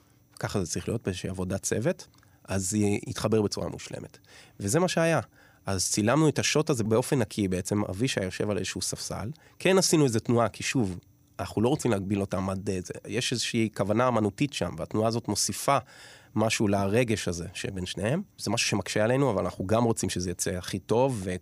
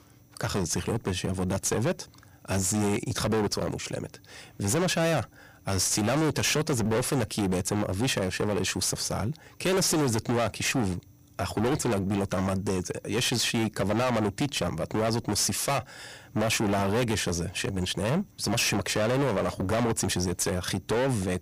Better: first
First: none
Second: distortion; heavy; 22% of the sound clipped

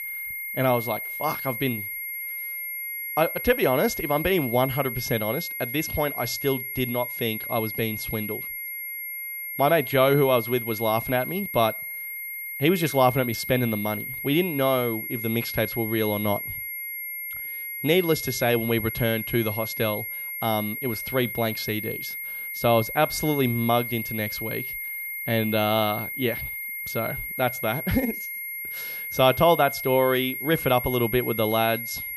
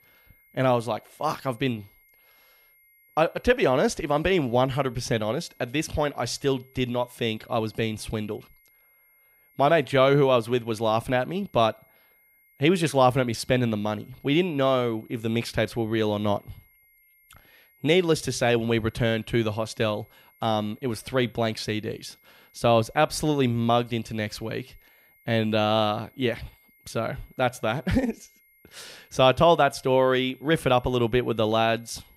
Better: second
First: high-pitched whine; loud; throughout; 2 kHz, 5 dB below the speech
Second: high-pitched whine; faint; throughout; 2 kHz, 35 dB below the speech

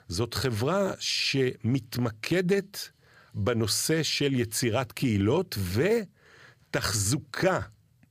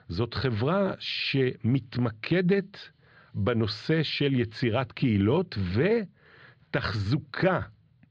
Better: first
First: none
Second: muffled; slightly; fading above 4 kHz

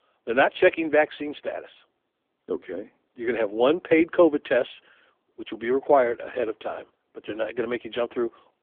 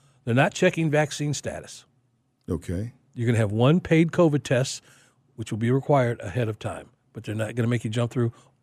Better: second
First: phone-call audio; poor line; nothing above 3.5 kHz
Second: none

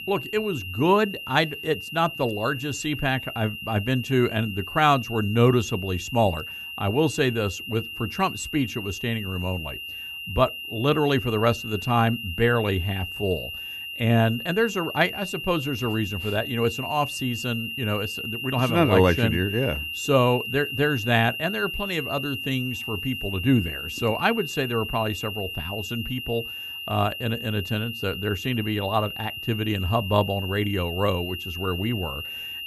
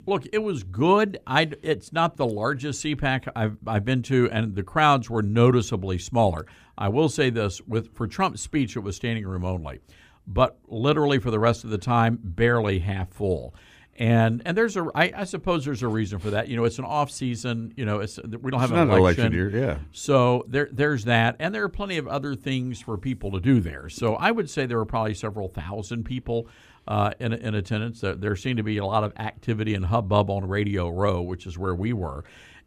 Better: second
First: high-pitched whine; loud; throughout; 3 kHz, 7 dB below the speech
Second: none

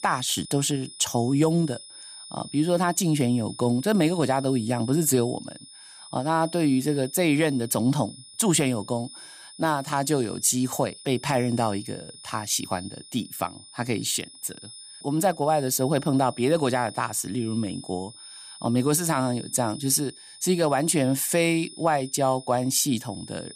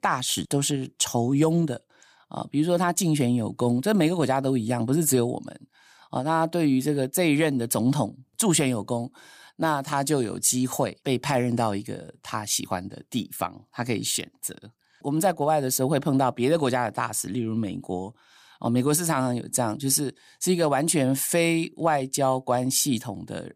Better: second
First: high-pitched whine; noticeable; throughout; 5 kHz, 15 dB below the speech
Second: none

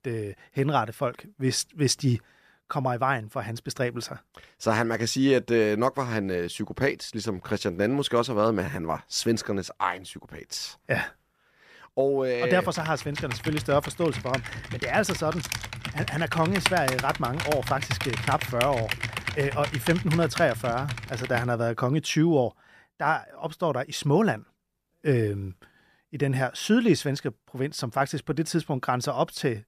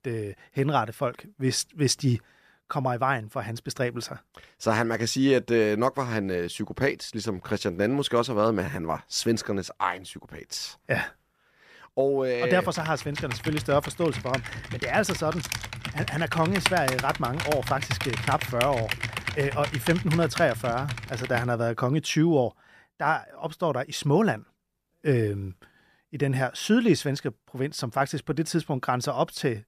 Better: neither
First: keyboard typing; loud; from 13 to 21 s; peak 1 dB above the speech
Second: keyboard typing; loud; from 13 to 21 s; peak 1 dB above the speech

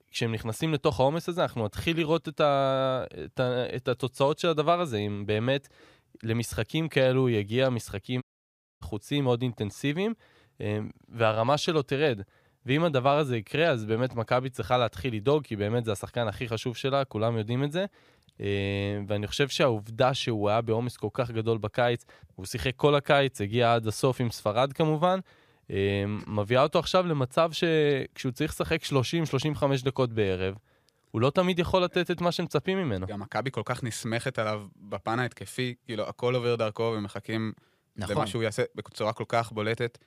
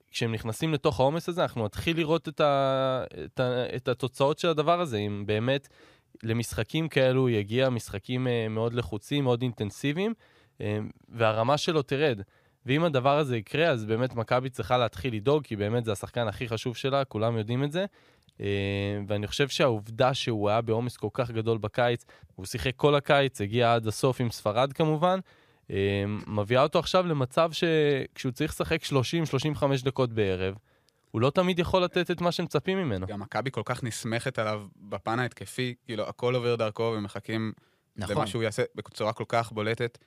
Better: second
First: audio cutting out; at 8 s for 0.5 s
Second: none

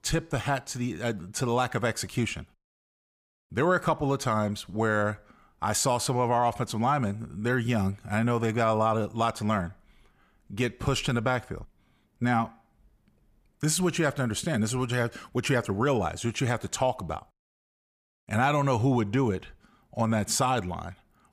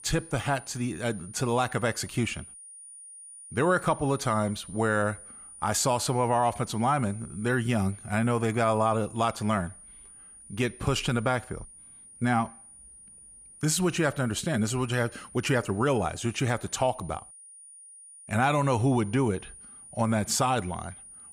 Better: first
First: none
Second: high-pitched whine; noticeable; throughout; 9.5 kHz, 20 dB below the speech

